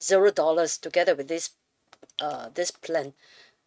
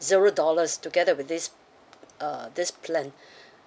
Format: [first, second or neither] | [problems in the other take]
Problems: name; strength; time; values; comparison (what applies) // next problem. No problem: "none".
second | noise reduction (neural mask model RNNoise)